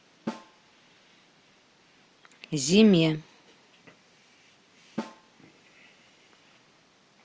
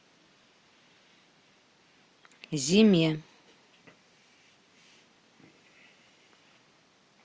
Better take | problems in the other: second | background sound (Snare drum); 14 dB below the speech

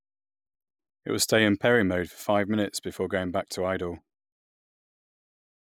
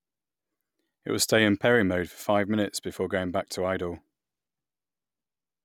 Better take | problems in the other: second | noise reduction (neural mask model Resemble Enhance denoiser)

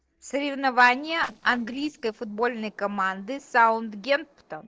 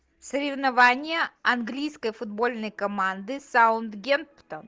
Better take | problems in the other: second | noise reduction (neural separator model SepFormer DNS4)

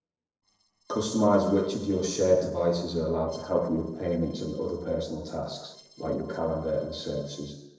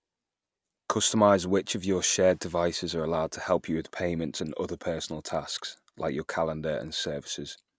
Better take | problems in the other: second | noise reduction (neural separator model SepFormer DNS4)

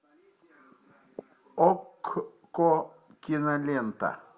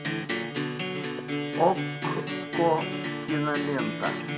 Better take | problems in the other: first | background sound (Acoustic guitar); 1 dB below the speech

